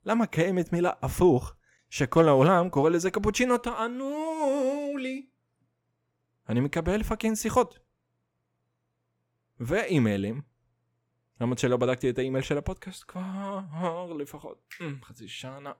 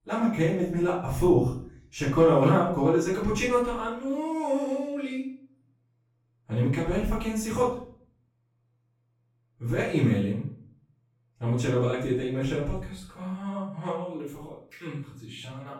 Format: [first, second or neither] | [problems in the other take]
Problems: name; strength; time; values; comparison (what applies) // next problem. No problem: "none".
first | off-mic speech; far // room echo; noticeable; dies away in 0.5 s